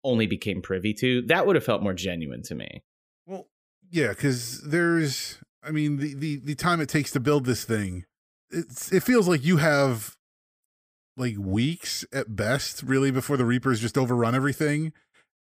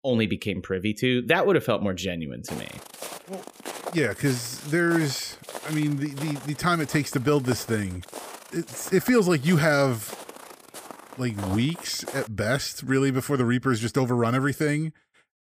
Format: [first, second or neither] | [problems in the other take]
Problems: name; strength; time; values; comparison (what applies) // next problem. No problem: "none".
first | footsteps; faint; from 2.5 to 12 s; peak 10 dB below the speech